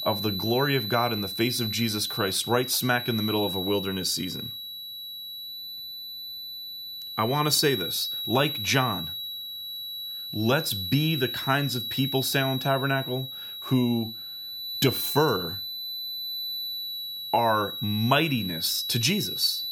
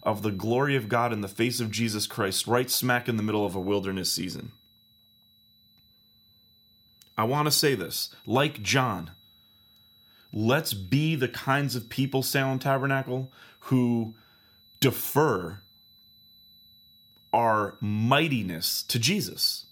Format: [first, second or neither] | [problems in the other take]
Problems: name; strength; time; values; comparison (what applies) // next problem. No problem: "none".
second | high-pitched whine; loud; throughout; 4 kHz, 5 dB below the speech; faint in the second